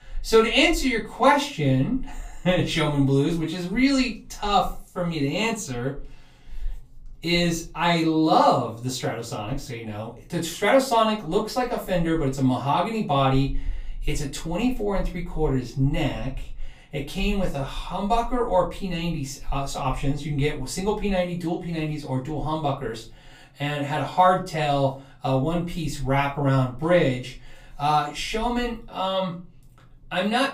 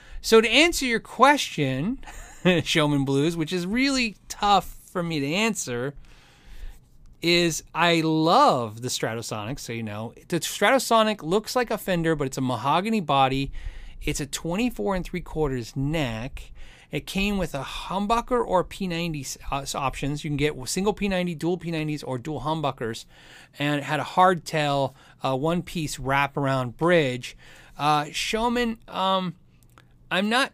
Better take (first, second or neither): second